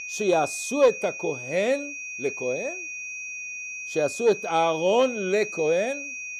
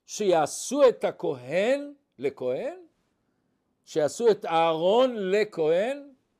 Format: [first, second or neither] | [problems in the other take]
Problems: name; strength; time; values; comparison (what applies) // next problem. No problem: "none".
second | high-pitched whine; loud; throughout; 2.5 kHz, 8 dB below the speech